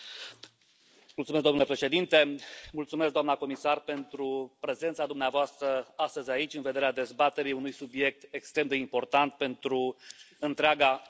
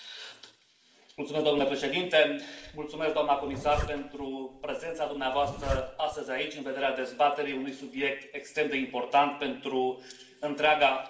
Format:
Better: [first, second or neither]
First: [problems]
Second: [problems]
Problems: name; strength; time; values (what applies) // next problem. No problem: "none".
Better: first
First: none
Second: background sound (Zipper (clothing)); 10 dB below the speech // room echo; dies away in 0.8 s